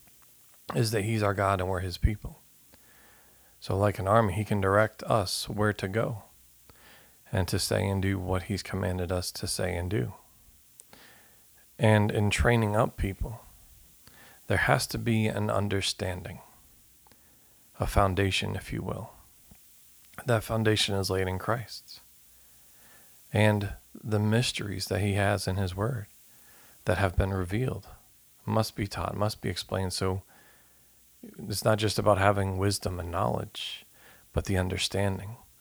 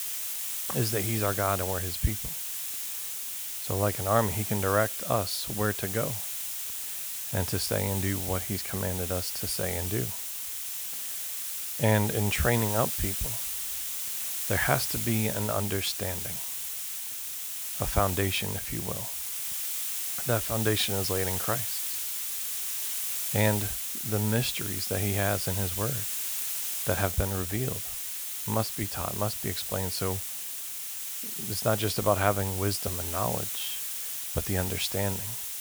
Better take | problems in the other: first | hiss; loud; throughout; 1 dB below the speech; faint in the first

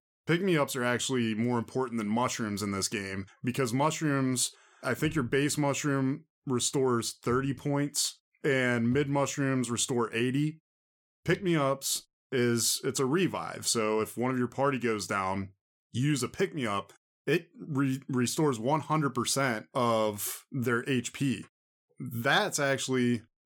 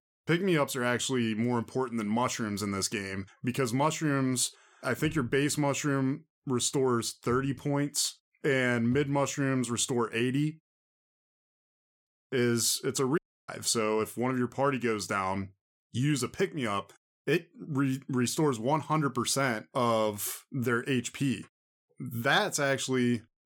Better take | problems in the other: first | audio cutting out; at 11 s for 1 s and at 13 s

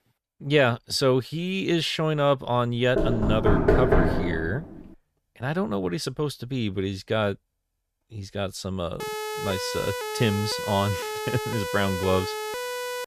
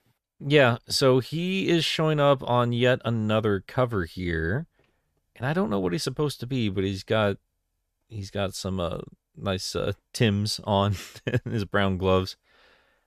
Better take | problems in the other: second | door banging; loud; from 3 to 4.5 s; peak 6 dB above the speech // siren; noticeable; from 9 s on; peak 4 dB below the speech

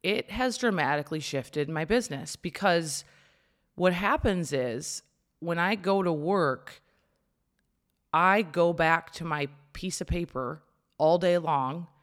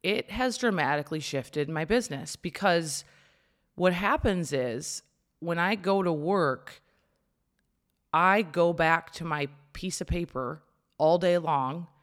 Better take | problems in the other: neither | none

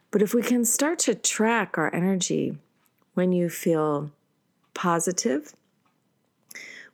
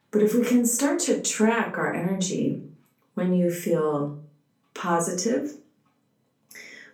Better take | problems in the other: first | off-mic speech; far // room echo; slight; dies away in 0.3 s

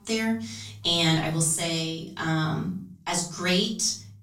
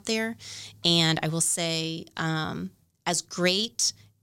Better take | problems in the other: second | off-mic speech; far // room echo; slight; dies away in 0.5 s

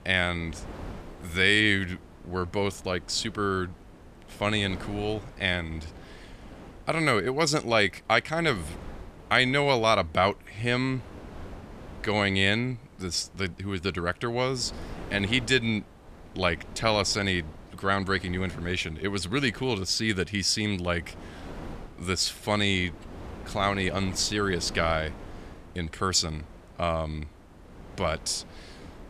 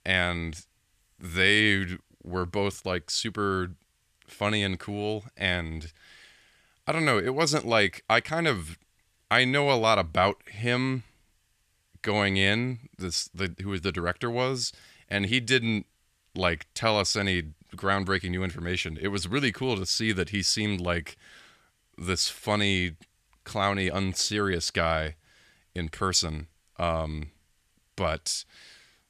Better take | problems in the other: second | wind noise on the microphone; occasional gusts; 20 dB below the speech

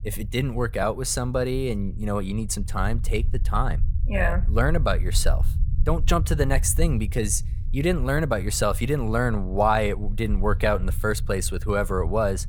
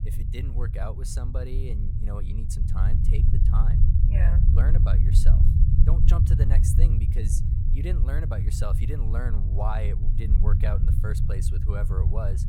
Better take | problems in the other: first | low rumble; loud; throughout; 1 dB below the speech; faint in the first

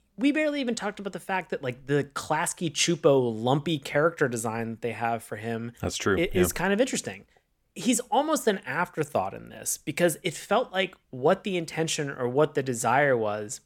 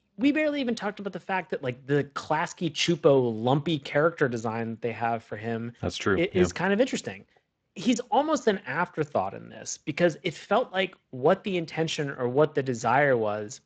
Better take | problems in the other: first | garbled, watery; slightly; nothing above 7.5 kHz

